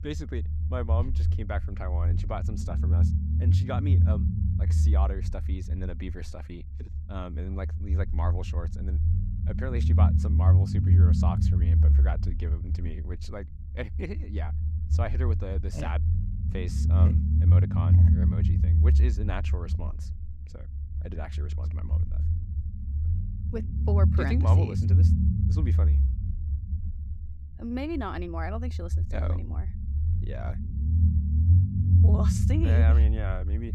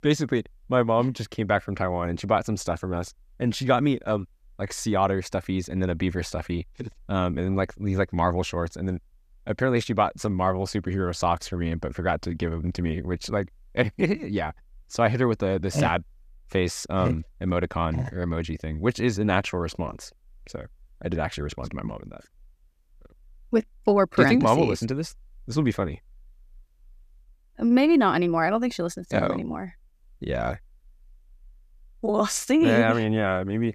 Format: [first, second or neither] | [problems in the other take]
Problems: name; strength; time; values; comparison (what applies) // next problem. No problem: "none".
second | low rumble; loud; throughout; 2 dB below the speech